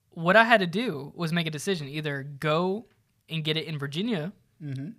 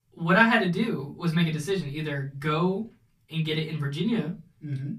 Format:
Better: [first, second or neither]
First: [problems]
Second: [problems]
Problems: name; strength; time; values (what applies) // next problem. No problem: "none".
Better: first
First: none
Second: off-mic speech; far // room echo; very slight; dies away in 0.2 s